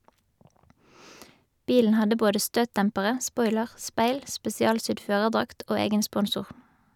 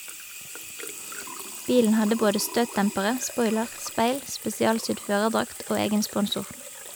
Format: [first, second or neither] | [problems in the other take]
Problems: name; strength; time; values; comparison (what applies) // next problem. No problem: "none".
first | background sound (Sink (filling or washing) / Water tap, faucet); 12 dB below the speech